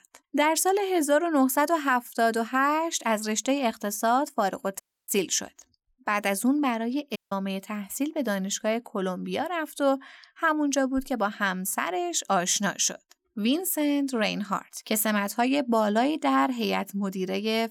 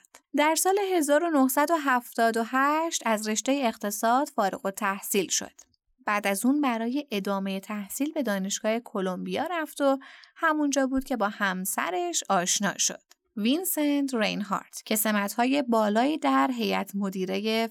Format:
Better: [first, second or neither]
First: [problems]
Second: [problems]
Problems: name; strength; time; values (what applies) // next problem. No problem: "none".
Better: second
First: audio cutting out; at 5 s and at 7 s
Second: none